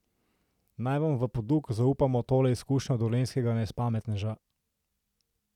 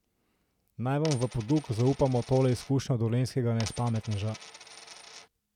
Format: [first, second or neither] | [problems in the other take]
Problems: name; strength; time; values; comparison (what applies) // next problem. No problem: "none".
first | background sound (Coin (dropping)); 16 dB below the speech